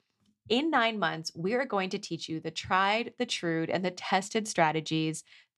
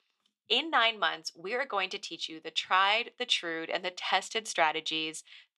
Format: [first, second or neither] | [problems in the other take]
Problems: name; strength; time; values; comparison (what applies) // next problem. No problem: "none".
first | thin; very; fading below 450 Hz